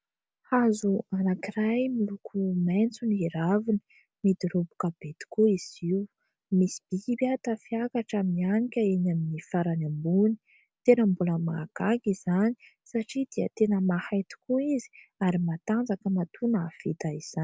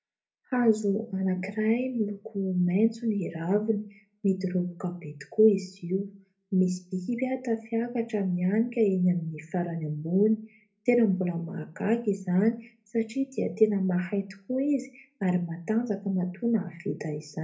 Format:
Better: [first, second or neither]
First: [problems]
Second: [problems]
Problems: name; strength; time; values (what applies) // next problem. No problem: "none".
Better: first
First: none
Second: room echo; dies away in 0.3 s